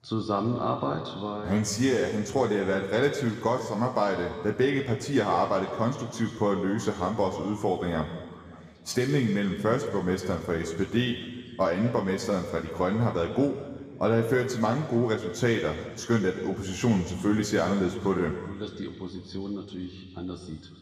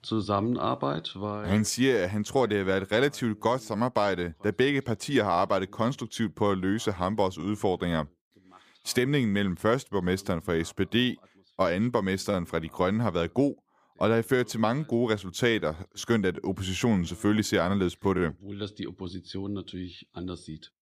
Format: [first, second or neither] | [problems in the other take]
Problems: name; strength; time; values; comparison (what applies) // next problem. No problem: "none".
second | room echo; slight; dies away in 2 s